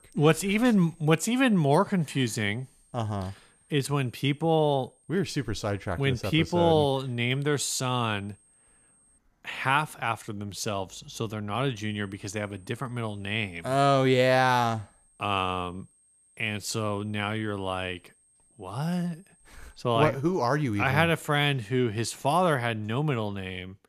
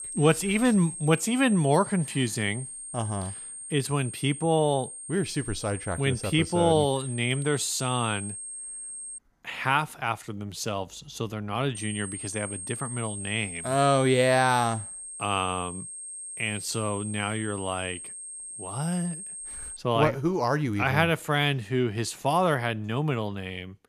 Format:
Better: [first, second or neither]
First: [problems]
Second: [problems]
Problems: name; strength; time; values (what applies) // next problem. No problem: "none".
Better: first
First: high-pitched whine; faint; until 9 s and from 12 to 20 s; 8.5 kHz, 35 dB below the speech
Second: high-pitched whine; loud; until 9 s and from 12 to 20 s; 8.5 kHz, 9 dB below the speech